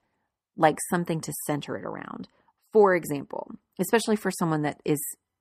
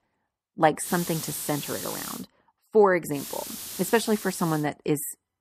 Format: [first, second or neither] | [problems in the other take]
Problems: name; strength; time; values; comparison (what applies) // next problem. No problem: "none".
first | hiss; loud; from 1 to 2 s and from 3 to 4.5 s; 9 dB below the speech